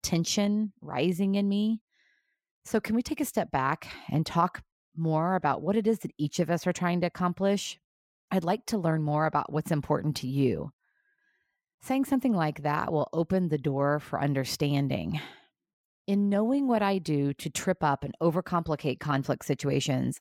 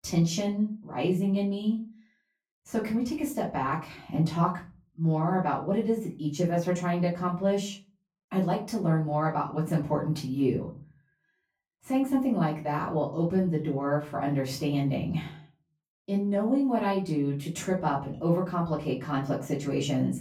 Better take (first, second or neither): first